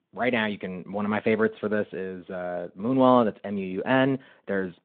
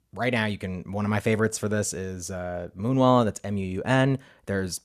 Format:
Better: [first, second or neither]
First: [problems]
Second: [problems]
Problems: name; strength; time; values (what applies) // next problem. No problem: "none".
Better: second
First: phone-call audio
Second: none